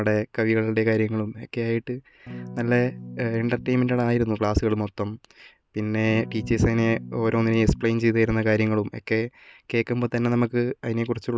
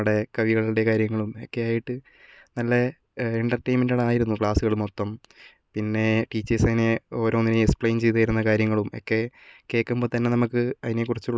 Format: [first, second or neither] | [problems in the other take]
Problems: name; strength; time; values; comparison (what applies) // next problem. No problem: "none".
second | background sound (Electric guitar / Strum); 14 dB below the speech